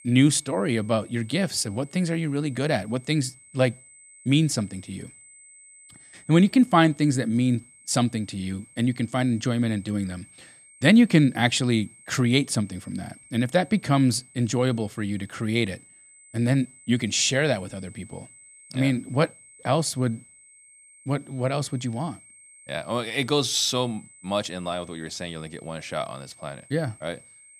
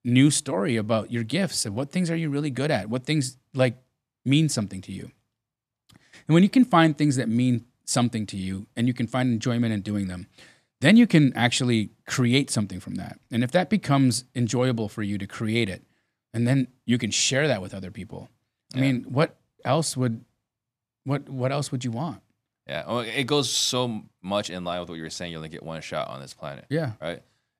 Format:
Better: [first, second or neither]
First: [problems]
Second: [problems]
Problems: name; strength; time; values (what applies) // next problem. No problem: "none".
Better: second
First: high-pitched whine; faint; throughout; 8 kHz, 25 dB below the speech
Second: none